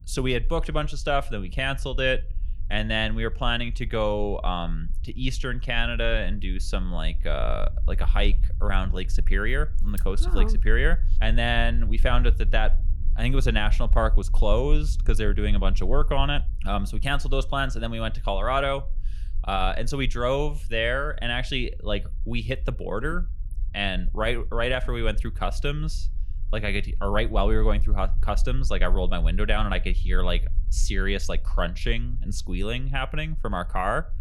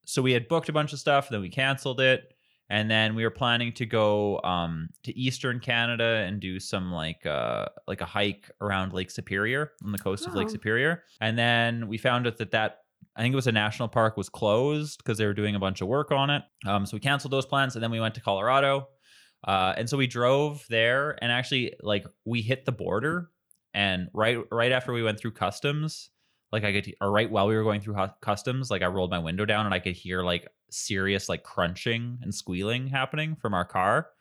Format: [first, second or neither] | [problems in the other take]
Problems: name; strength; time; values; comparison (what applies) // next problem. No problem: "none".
second | low rumble; faint; throughout; 25 dB below the speech